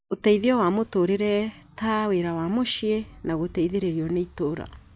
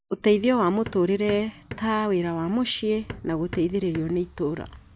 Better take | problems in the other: first | background sound (Hammer); 16 dB below the speech

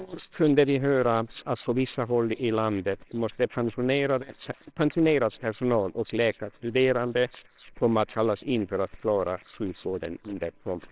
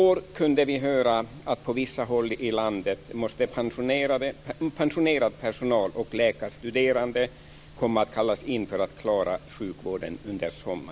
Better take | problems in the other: second | noise reduction (neural separator model SepFormer WHAMR!)

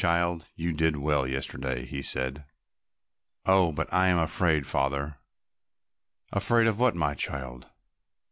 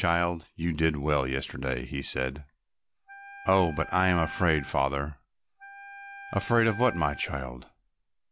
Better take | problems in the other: first | background sound (Wind instrument, woodwind instrument); 14 dB below the speech

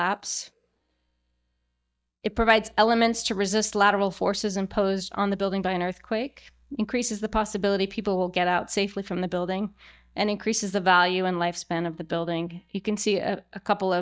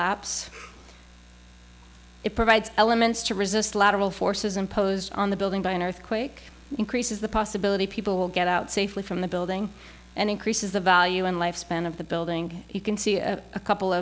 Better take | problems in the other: second | noise reduction (neural mask model DeepFilterNet 3)

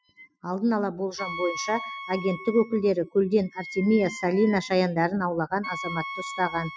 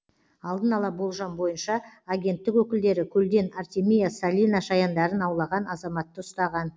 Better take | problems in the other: second | noise reduction (classical method spectral subtraction)

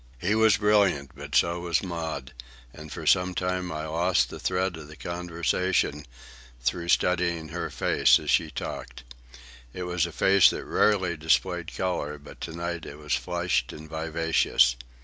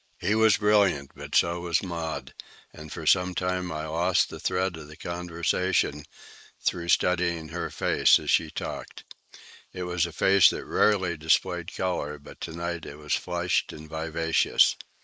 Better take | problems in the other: first | noise reduction (neural mask model Resemble Enhance denoiser)

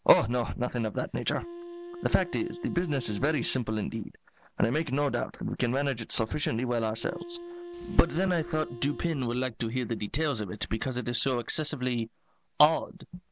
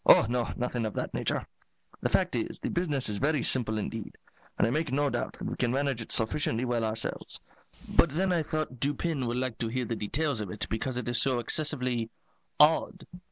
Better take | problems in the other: second | background sound (Wind instrument, woodwind instrument); 14 dB below the speech

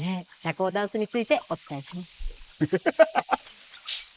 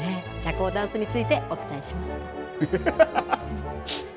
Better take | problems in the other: second | noise reduction (neural mask model Resemble Enhance denoiser)

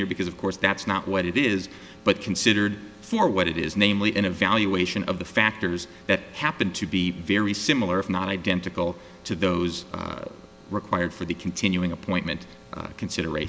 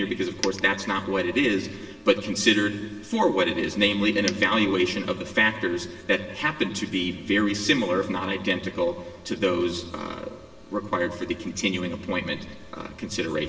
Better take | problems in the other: first | background sound (Coin (dropping)); 11 dB below the speech // room echo; dies away in 1.3 s

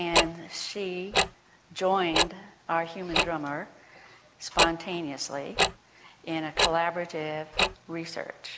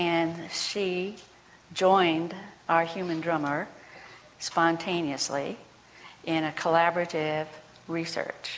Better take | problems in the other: second | background sound (Tick-tock); 1 dB above the speech

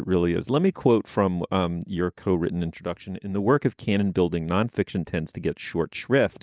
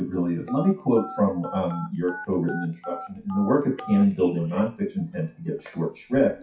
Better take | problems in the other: first | noise reduction (classical method WPE with log-MMSE)

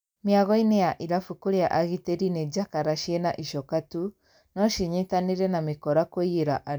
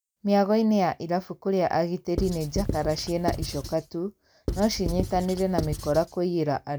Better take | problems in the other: first | background sound (Writing); 6 dB below the speech

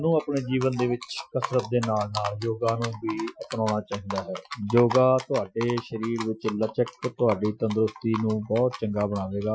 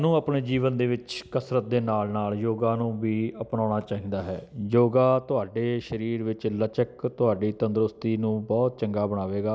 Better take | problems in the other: second | noise reduction (classical method Wiener filter)

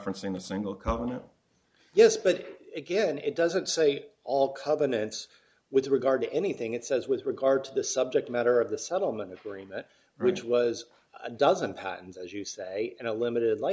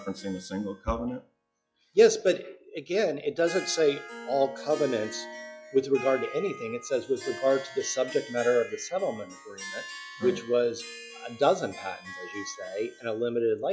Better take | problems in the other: first | noise reduction (classical method log-MMSE)

